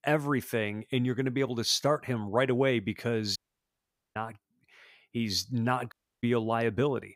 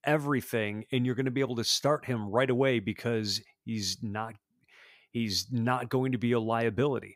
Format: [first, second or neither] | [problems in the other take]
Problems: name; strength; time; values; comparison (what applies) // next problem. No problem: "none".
second | audio cutting out; at 3.5 s for 1 s and at 6 s